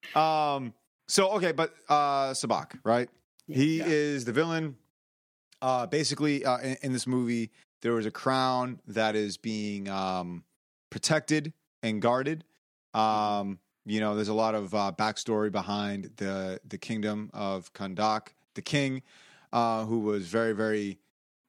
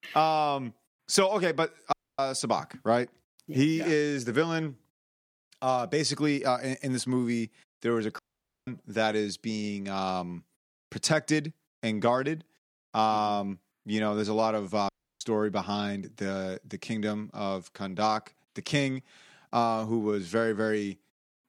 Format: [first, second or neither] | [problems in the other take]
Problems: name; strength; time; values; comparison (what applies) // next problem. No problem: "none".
first | audio cutting out; at 2 s, at 8 s and at 15 s